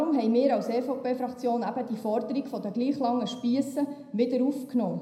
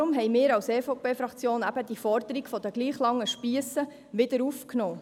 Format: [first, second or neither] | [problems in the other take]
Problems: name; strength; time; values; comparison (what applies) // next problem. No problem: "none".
second | room echo; dies away in 0.7 s